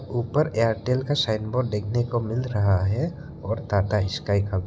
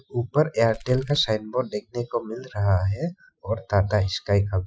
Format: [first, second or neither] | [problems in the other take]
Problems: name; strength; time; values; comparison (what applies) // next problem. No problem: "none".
first | noise reduction (classical method Wiener filter)